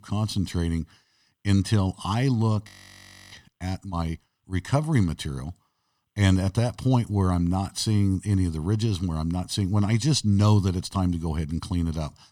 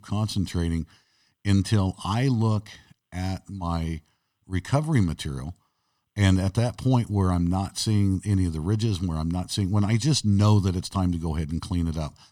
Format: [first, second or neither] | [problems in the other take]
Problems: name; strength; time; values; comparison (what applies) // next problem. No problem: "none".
second | audio freezing; at 2.5 s for 0.5 s